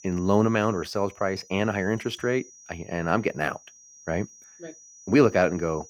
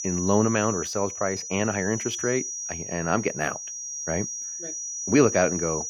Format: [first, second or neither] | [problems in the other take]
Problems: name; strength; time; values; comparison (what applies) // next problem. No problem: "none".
first | high-pitched whine; loud; throughout; 6 kHz, 5 dB below the speech; faint in the first